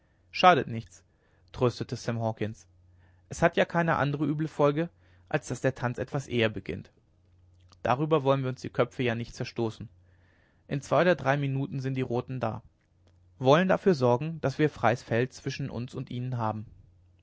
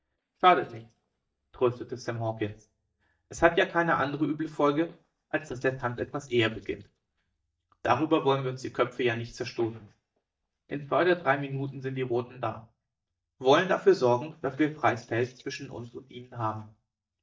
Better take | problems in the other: first | noise reduction (neural mask model DeepFilterNet 3)

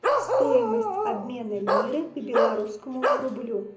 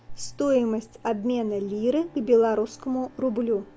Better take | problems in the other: second | background sound (Bark); 4 dB above the speech // room echo; dies away in 0.4 s

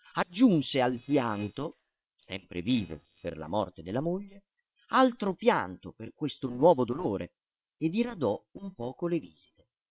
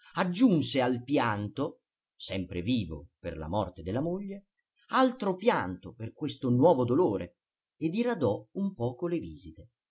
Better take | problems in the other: second | noise reduction (neural separator model SepFormer WHAM!)

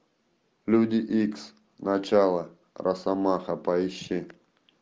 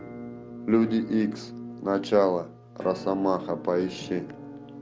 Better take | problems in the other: first | background sound (Musical instrument); 13 dB below the speech

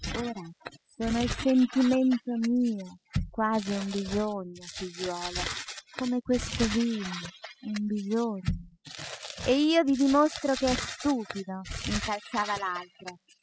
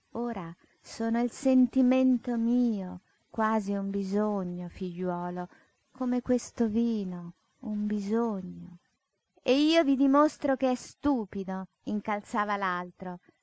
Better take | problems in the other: second | noise reduction (classical method spectral subtraction)

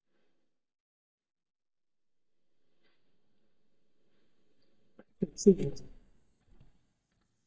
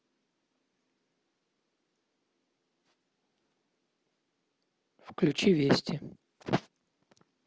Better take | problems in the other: second | noise reduction (neural mask model DeepFilterNet 3)

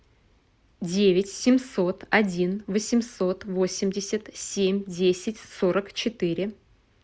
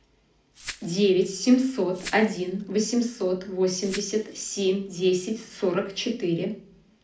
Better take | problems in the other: first | background sound (Glass); 19 dB below the speech // room echo; dies away in 0.4 s

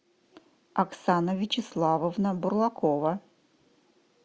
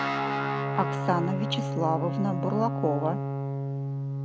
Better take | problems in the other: first | background sound (Guitar); 1 dB above the speech

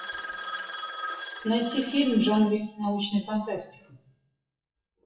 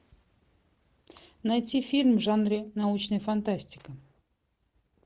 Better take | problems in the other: second | noise reduction (classical method WPE with log-MMSE)

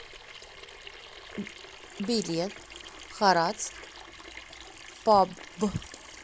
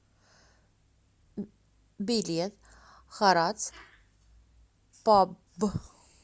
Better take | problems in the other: second | background sound (Sink (filling or washing) / Water tap, faucet); 15 dB below the speech

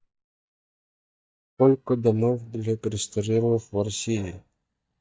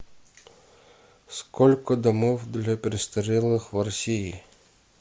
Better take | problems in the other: second | noise reduction (neural mask model DeepFilterNet 3)

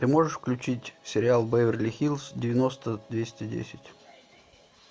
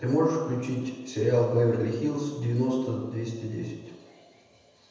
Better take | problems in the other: first | room echo; dies away in 1.1 s

